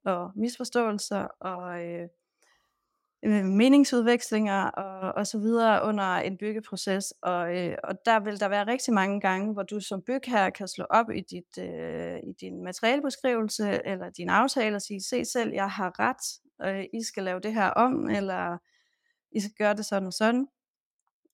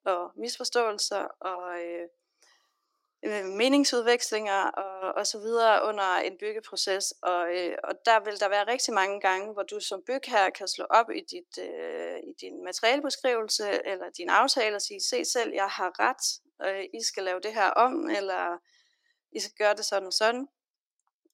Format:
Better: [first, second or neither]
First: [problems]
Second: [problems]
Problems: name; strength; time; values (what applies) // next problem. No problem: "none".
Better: first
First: none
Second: thin; somewhat; fading below 300 Hz